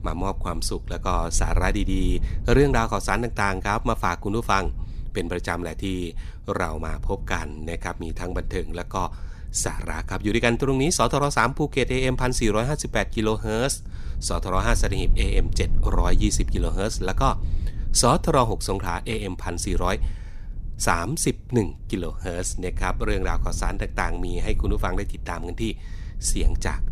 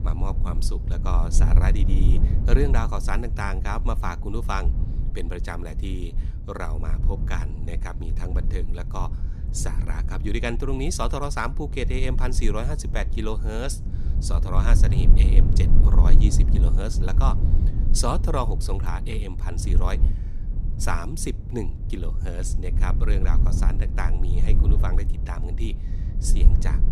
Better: first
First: low rumble; faint; throughout; 25 dB below the speech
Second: low rumble; loud; throughout; 9 dB below the speech

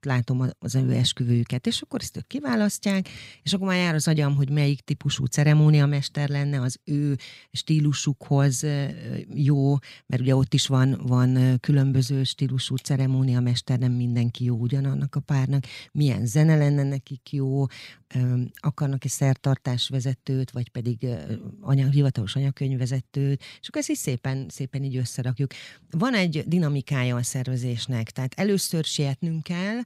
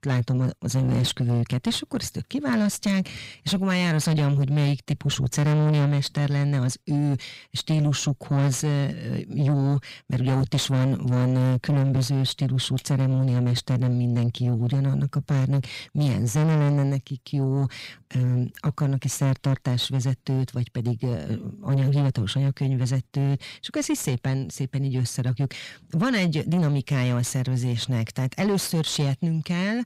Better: first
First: none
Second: distortion; slight; 10 dB below the speech

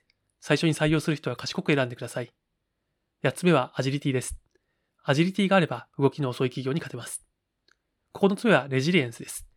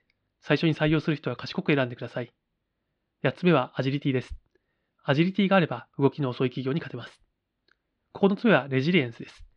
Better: first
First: none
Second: muffled; very slightly; fading above 4 kHz

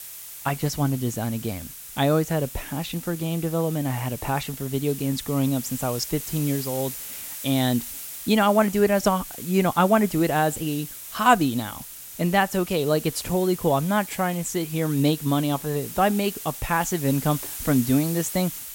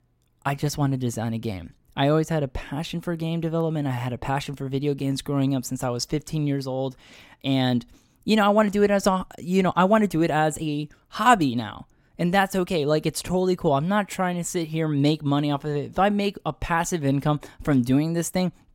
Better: second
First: hiss; noticeable; throughout; 10 dB below the speech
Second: none

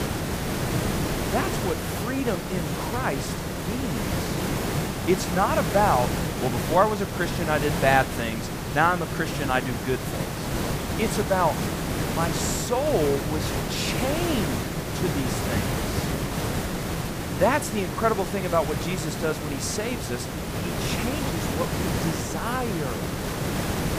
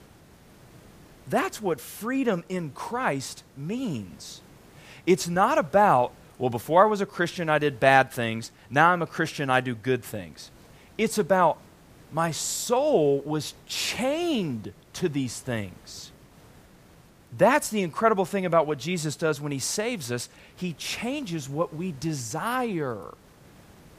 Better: second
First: hiss; loud; throughout; 1 dB below the speech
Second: hiss; faint; throughout; 30 dB below the speech

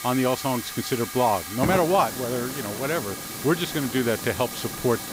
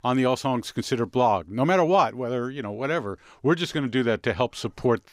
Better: second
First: hiss; loud; throughout; 6 dB below the speech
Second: none

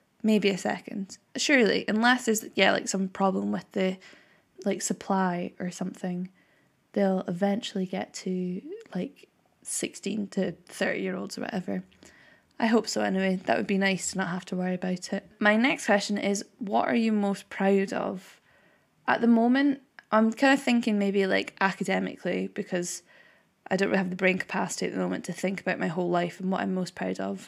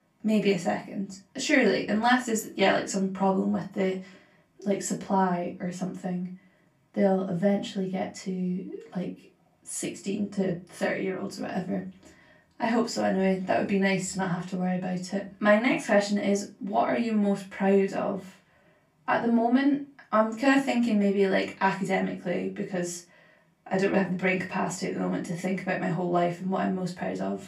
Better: first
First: none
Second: off-mic speech; far // room echo; very slight; dies away in 0.3 s

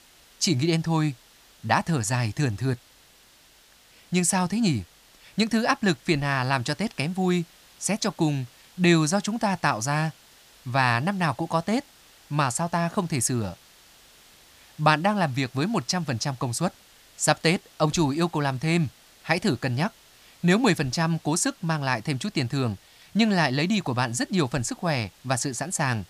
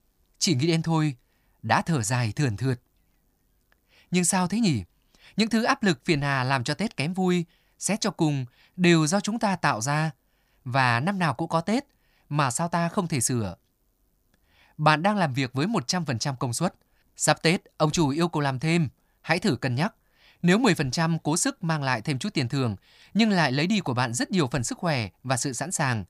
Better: second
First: hiss; faint; throughout; 25 dB below the speech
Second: none

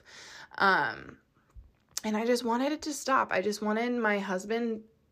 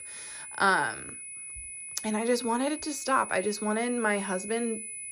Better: first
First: none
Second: high-pitched whine; loud; throughout; 10 kHz, 9 dB below the speech

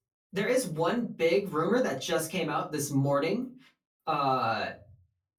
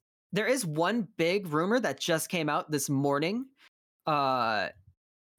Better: second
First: off-mic speech; far // room echo; very slight; dies away in 0.3 s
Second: none

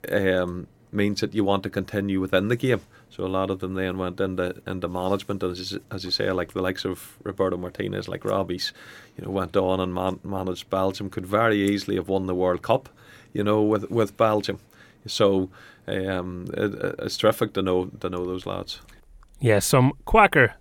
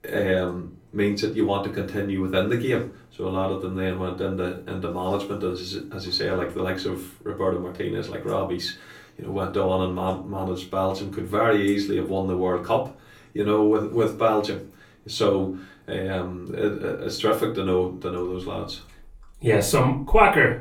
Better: first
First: none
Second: off-mic speech; far // room echo; slight; dies away in 0.3 s

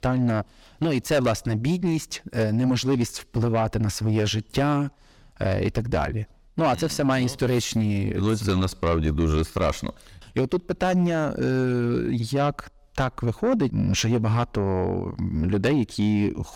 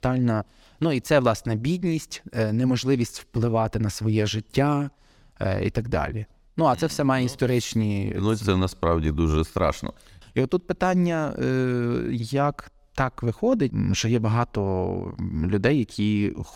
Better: second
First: distortion; slight; 10 dB below the speech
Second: none

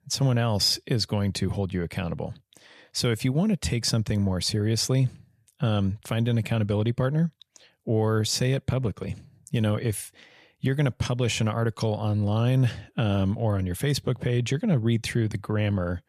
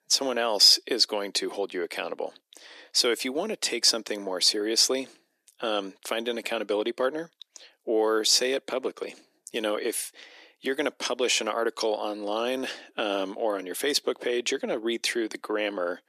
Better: first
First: none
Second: thin; very; fading below 300 Hz

